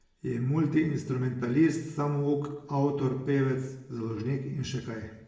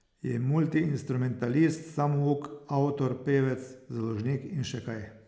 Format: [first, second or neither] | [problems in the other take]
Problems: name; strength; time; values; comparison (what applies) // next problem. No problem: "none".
second | room echo; dies away in 0.6 s